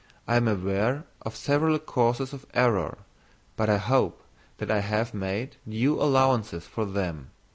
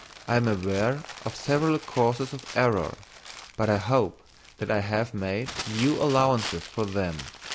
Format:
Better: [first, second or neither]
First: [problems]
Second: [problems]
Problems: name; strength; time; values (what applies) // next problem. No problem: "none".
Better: first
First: none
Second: background sound (Crumpling, crinkling); 15 dB below the speech